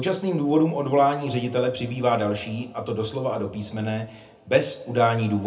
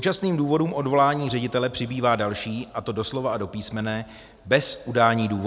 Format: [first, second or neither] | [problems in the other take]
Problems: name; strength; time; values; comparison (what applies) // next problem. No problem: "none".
second | room echo; dies away in 0.3 s